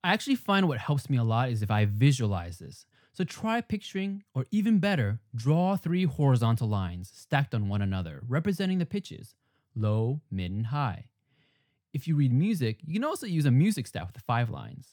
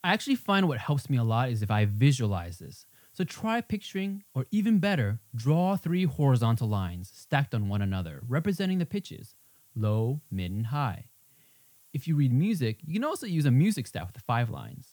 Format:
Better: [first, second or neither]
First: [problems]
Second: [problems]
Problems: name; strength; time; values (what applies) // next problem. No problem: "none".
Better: first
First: none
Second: hiss; faint; throughout; 30 dB below the speech